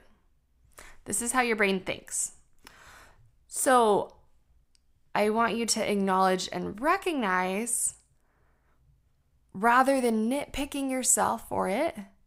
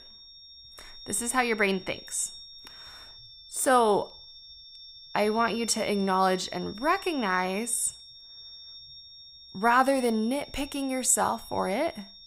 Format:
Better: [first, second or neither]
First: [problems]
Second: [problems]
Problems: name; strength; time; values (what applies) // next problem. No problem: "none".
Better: first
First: none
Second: high-pitched whine; noticeable; throughout; 5.5 kHz, 15 dB below the speech